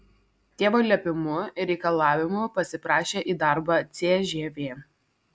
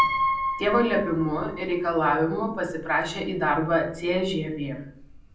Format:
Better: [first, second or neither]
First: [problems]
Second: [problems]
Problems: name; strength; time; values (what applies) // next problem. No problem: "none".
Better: first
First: none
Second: background sound (Piano); 6 dB below the speech // room echo; dies away in 0.6 s